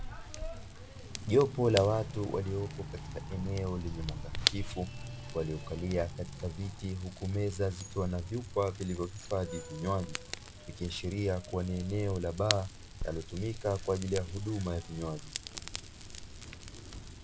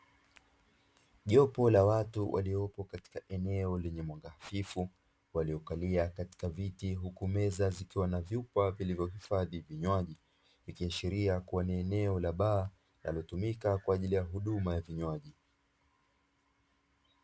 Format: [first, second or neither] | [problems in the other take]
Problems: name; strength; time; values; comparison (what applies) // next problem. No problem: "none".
second | background sound (Fire / Rain); 7 dB below the speech